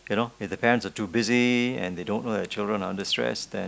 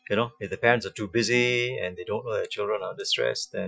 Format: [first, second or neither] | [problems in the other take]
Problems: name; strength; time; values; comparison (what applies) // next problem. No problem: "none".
first | noise reduction (classical method Wiener filter)